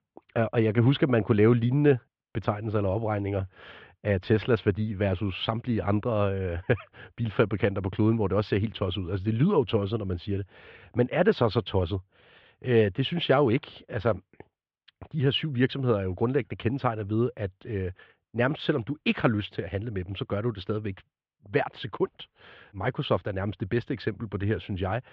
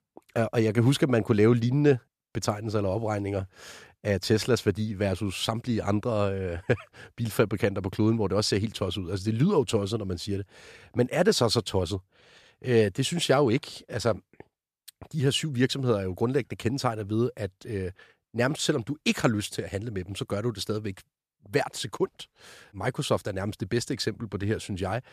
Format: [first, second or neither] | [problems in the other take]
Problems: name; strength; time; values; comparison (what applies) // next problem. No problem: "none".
second | muffled; very; fading above 3 kHz